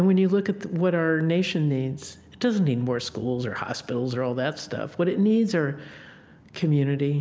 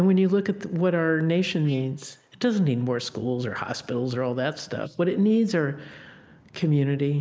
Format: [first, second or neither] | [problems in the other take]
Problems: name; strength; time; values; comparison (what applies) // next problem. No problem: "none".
first | noise reduction (neural mask model Resemble Enhance denoiser)